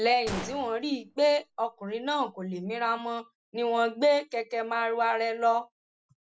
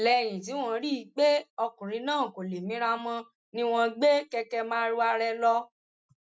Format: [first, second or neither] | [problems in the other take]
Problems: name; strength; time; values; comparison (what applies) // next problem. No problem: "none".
second | background sound (Gunshot, gunfire); 15 dB below the speech